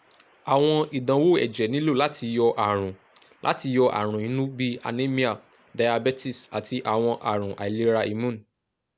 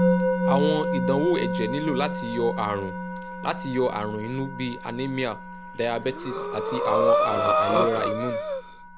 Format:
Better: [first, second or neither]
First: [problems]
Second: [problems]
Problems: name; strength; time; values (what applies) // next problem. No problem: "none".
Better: first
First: none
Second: background sound (Musical instrument + Breathing); 2 dB above the speech